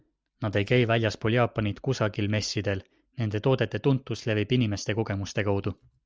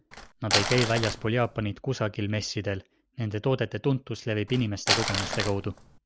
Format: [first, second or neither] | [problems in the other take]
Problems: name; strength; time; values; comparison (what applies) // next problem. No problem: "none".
first | background sound (Crumpling, crinkling); 2 dB below the speech